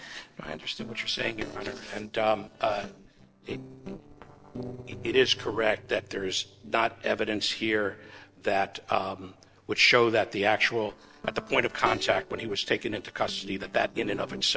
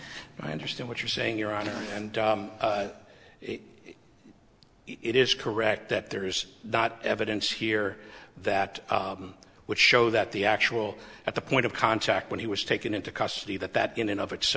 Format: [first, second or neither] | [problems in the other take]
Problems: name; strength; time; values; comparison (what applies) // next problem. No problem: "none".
second | noise reduction (neural separator model SepFormer DNS4)